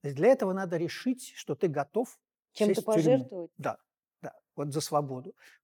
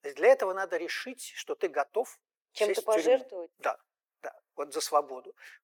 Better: first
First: none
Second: thin; very; fading below 400 Hz

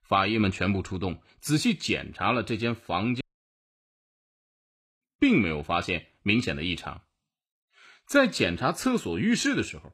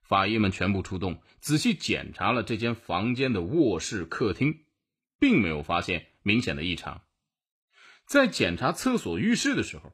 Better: second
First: audio cutting out; at 3 s for 2 s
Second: none

